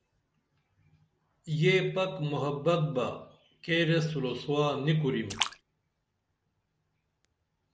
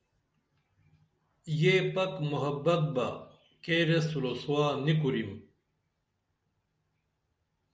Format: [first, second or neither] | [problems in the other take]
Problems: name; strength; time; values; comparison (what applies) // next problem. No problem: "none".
second | background sound (Splash, splatter); 9 dB below the speech